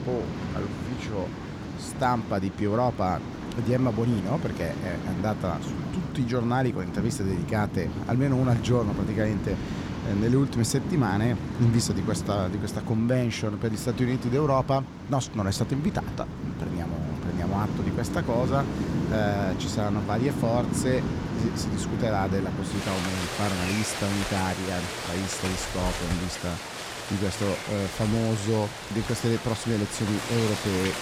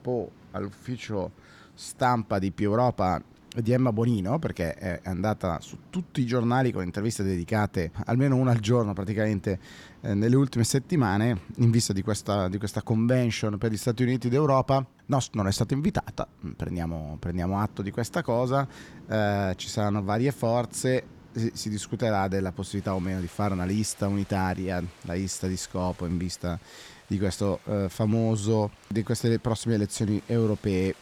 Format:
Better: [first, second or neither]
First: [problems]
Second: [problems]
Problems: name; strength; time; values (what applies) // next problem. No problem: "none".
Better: second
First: rain or running water; loud; throughout; 4 dB below the speech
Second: rain or running water; faint; throughout; 25 dB below the speech